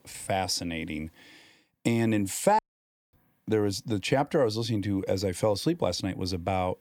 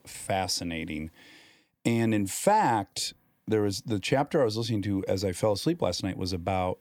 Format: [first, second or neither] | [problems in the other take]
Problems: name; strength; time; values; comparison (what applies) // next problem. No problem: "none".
second | audio cutting out; at 2.5 s for 0.5 s